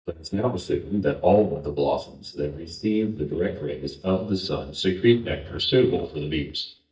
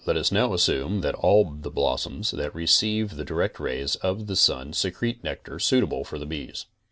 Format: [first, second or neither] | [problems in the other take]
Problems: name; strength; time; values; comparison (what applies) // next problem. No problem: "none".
second | noise reduction (neural mask model DeepFilterNet 3)